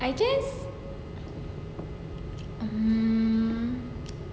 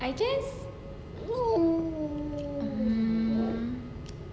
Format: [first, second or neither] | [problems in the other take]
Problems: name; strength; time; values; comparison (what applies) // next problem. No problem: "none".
first | background sound (Dog); as loud as the speech